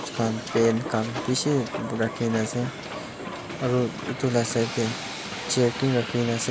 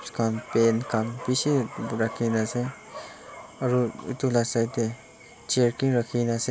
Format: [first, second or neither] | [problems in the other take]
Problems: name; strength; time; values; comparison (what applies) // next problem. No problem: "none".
second | background sound (Hiss); 9 dB below the speech